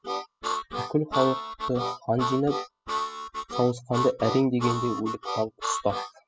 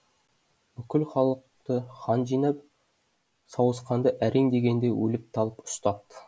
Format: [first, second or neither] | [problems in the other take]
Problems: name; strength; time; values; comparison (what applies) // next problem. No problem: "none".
second | noise reduction (classical method spectral subtraction)